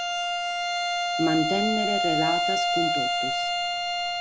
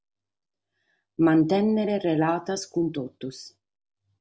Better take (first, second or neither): second